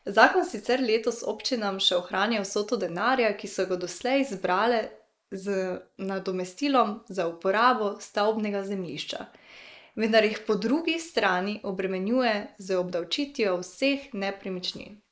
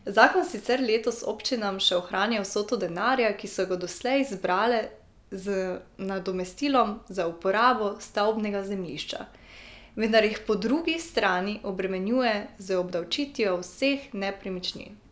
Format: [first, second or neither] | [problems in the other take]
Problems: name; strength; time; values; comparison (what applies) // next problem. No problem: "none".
second | noise reduction (neural mask model Resemble Enhance denoiser)